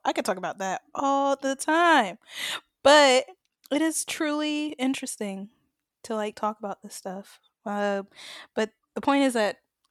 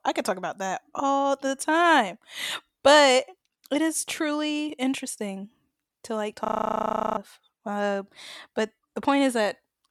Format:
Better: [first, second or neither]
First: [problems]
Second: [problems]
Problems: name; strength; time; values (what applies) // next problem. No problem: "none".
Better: first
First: none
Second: audio freezing; at 6.5 s for 0.5 s